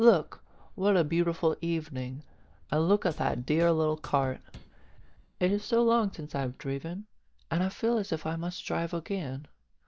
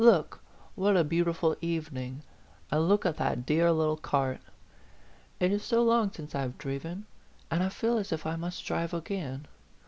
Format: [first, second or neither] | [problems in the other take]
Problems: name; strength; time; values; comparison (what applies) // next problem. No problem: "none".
second | noise reduction (neural mask model DeepFilterNet 3)